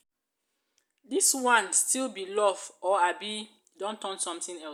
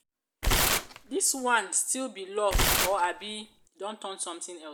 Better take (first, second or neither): first